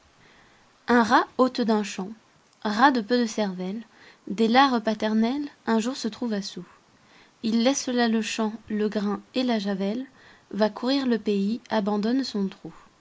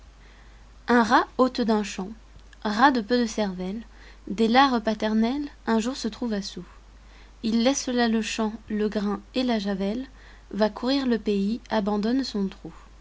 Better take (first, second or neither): second